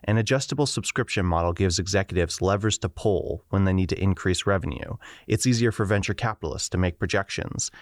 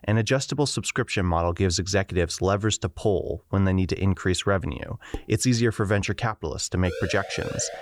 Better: first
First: none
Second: clattering dishes; faint; at 5 s; peak 15 dB below the speech // siren; noticeable; at 7 s; peak 9 dB below the speech

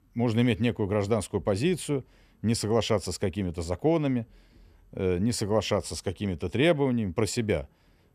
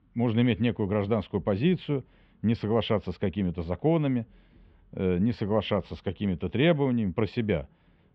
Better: first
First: none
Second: muffled; very; fading above 3.5 kHz

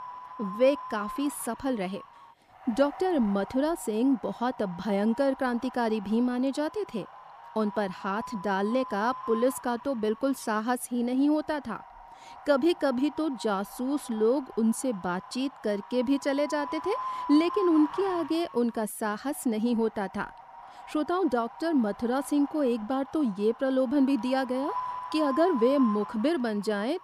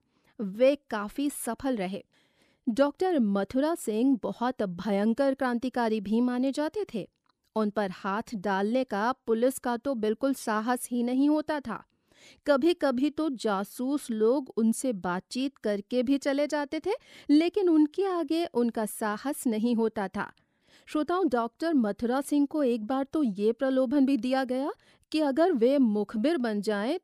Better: second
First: wind noise on the microphone; heavy; 9 dB below the speech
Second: none

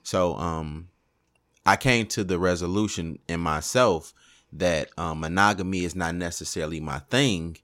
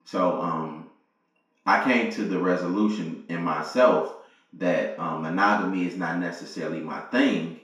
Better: first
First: none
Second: room echo; noticeable; dies away in 0.6 s // off-mic speech; far

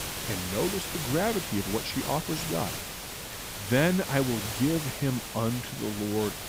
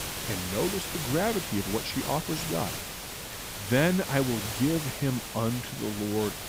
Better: neither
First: hiss; loud; throughout; 4 dB below the speech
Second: hiss; loud; throughout; 4 dB below the speech

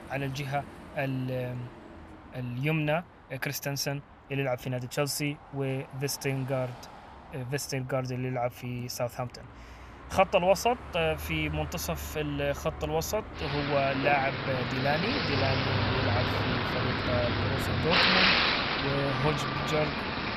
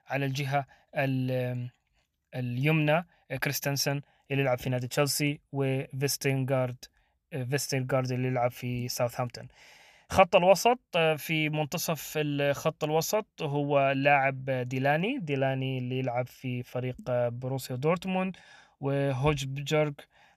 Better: second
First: traffic noise; very loud; throughout; 2 dB above the speech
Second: none

